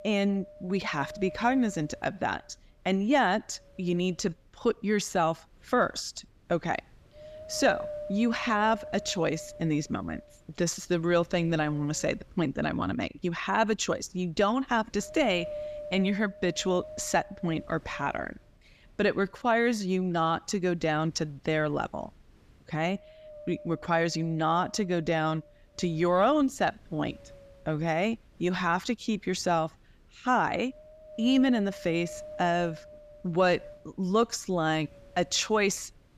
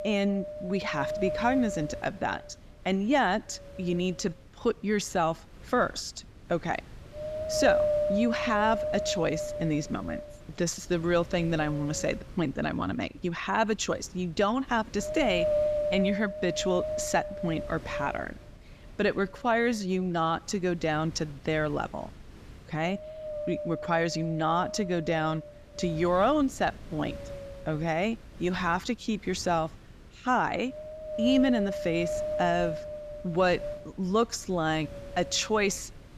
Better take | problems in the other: first | wind noise on the microphone; heavy; 4 dB below the speech; occasional gusts in the first

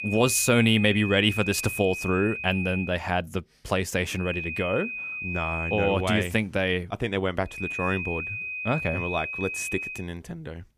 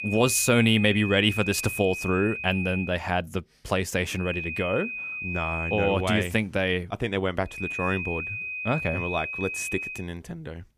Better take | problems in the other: neither | high-pitched whine; loud; until 3 s, from 4 to 6 s and from 7.5 to 10 s; 2.5 kHz, 6 dB below the speech; the same in both

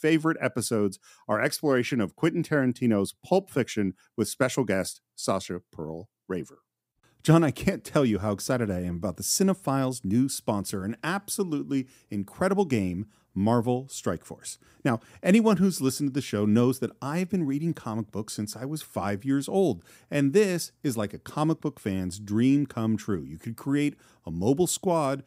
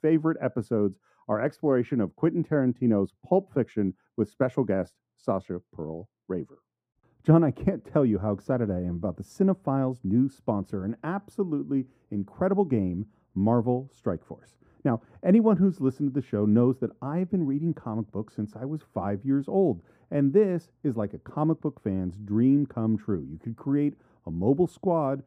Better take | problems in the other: first | muffled; very; fading above 2 kHz

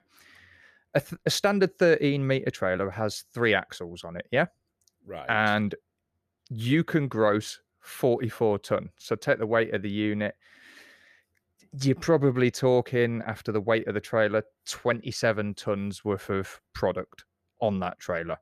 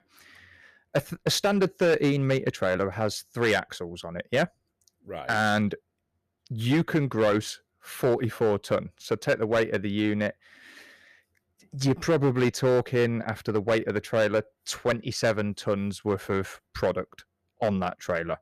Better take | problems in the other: first | distortion; slight; 4% of the sound clipped

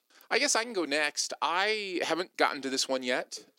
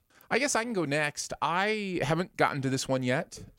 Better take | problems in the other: second | thin; very slightly; fading below 300 Hz

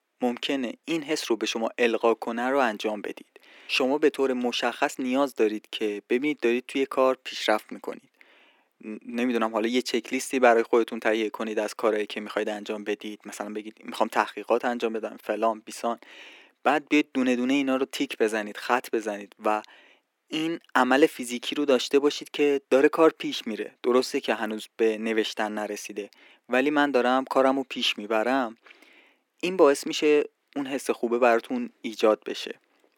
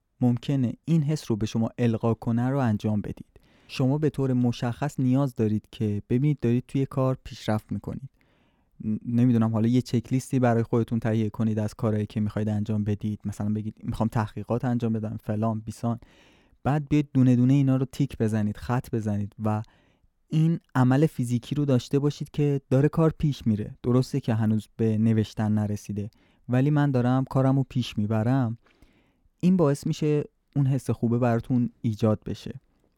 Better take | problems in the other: second | thin; somewhat; fading below 300 Hz

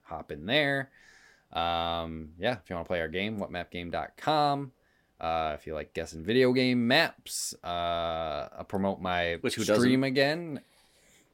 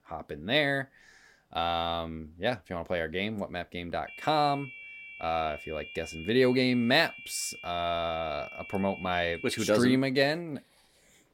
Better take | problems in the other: first | high-pitched whine; noticeable; from 4 to 9.5 s; 2.5 kHz, 15 dB below the speech

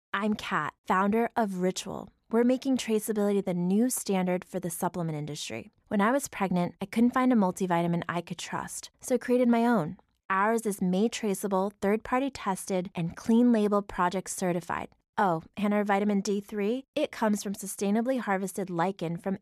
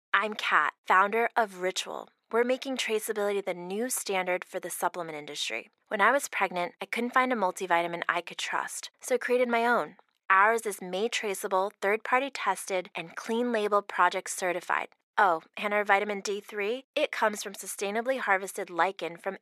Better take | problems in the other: first | thin; very; fading below 500 Hz

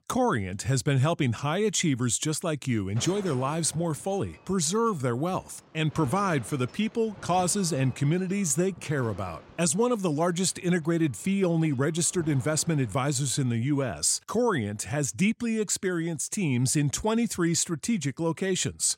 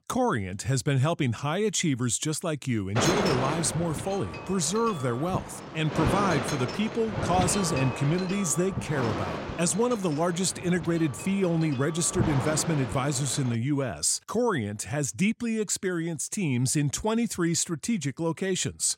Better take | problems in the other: first | wind noise on the microphone; heavy; from 3 to 14 s; 4 dB below the speech; occasional gusts in the first

